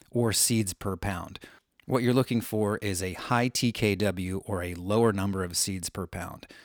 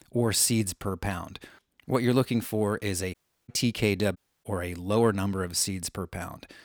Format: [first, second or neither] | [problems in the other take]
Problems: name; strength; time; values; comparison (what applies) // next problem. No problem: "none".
first | audio cutting out; at 3 s and at 4 s